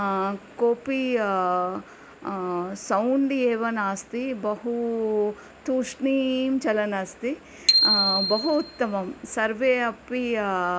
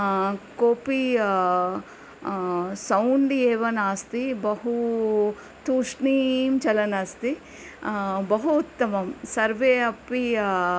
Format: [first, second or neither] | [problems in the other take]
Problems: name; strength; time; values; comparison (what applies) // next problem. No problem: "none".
second | background sound (Bicycle bell); 1 dB below the speech